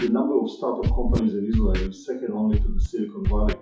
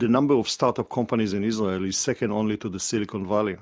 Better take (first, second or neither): second